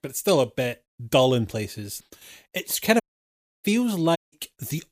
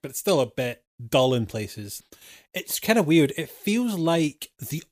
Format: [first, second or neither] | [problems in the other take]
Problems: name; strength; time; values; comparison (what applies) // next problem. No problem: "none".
second | audio cutting out; at 3 s for 0.5 s and at 4 s